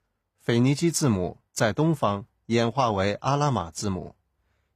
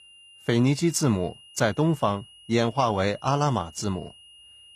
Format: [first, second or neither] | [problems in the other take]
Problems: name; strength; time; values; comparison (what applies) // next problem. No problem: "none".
first | high-pitched whine; faint; throughout; 3 kHz, 25 dB below the speech